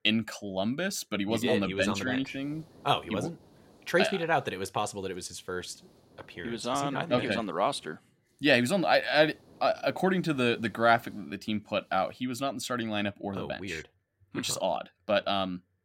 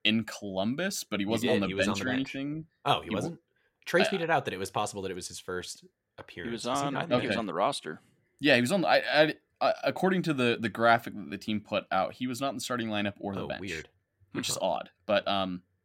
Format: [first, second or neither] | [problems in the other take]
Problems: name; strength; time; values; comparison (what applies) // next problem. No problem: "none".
second | hiss; faint; from 2.5 to 12 s; 30 dB below the speech